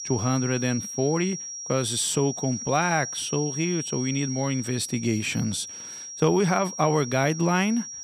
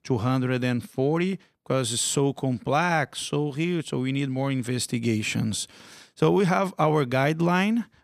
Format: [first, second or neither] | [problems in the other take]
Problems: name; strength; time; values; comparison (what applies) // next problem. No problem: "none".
second | high-pitched whine; loud; throughout; 5.5 kHz, 8 dB below the speech